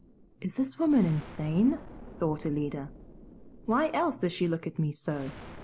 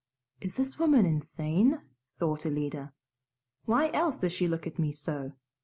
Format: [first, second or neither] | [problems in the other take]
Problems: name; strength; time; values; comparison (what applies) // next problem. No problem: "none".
second | background sound (Explosion); 18 dB below the speech